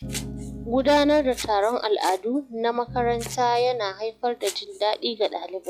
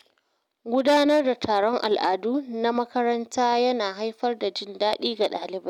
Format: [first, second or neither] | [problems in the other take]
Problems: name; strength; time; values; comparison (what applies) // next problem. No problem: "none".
second | noise reduction (classical method log-MMSE)